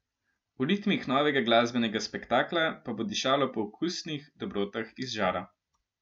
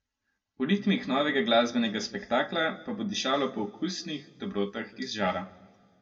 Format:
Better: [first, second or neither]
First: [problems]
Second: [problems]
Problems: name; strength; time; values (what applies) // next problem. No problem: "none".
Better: first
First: none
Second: room echo; dies away in 1 s